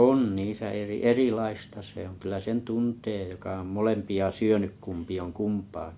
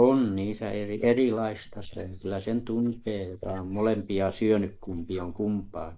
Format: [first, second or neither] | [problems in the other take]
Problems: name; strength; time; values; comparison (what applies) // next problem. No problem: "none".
first | noise reduction (neural mask model Resemble Enhance denoiser)